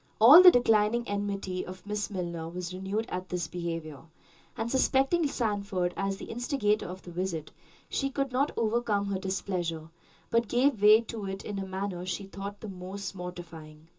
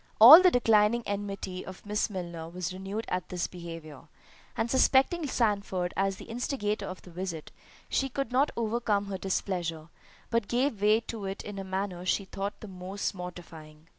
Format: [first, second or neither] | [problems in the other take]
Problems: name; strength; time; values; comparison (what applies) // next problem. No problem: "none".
second | room echo; dies away in 0.2 s